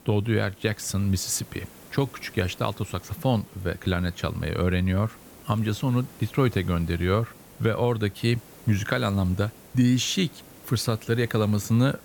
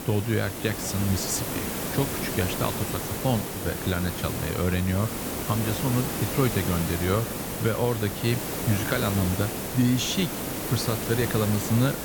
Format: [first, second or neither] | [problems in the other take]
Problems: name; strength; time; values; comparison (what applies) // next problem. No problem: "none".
first | hiss; loud; throughout; 3 dB below the speech; faint in the first